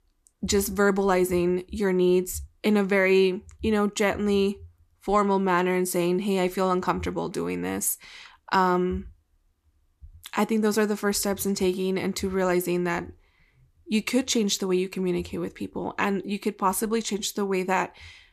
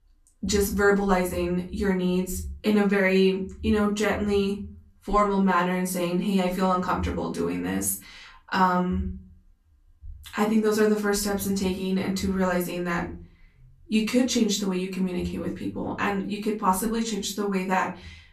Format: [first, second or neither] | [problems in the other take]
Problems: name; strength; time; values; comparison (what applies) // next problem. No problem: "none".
first | off-mic speech; far // room echo; very slight; dies away in 0.3 s